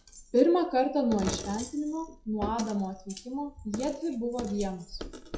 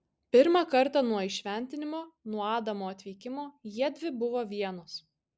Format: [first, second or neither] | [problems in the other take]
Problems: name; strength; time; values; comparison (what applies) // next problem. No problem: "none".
second | noise reduction (classical method WPE with log-MMSE)